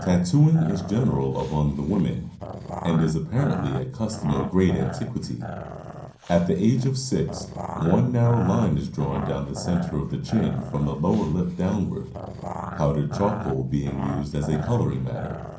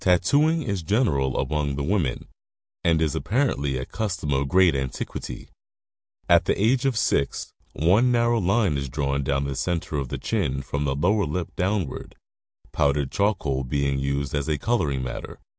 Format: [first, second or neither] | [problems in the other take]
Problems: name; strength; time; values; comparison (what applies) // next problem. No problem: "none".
second | background sound (Growling); 11 dB below the speech // room echo; dies away in 0.6 s